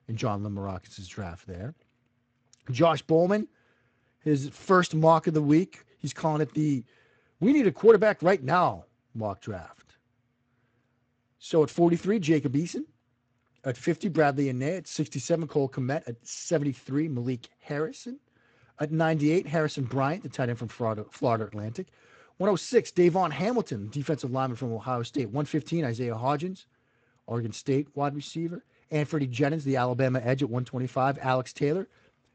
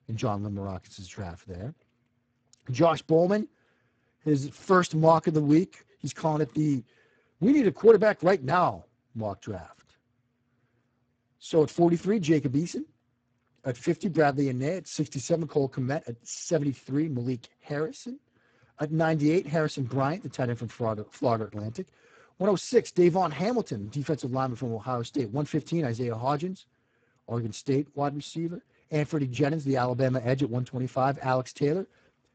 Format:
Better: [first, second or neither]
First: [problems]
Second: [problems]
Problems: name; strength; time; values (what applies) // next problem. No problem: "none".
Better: first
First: garbled, watery; slightly; nothing above 8 kHz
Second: garbled, watery; badly; nothing above 7.5 kHz